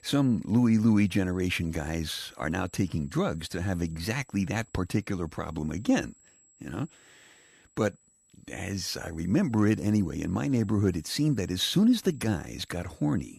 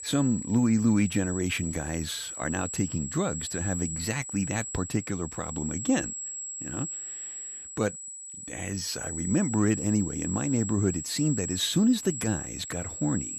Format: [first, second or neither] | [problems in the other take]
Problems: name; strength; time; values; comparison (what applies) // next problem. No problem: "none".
first | high-pitched whine; loud; throughout; 7.5 kHz, 6 dB below the speech; faint in the first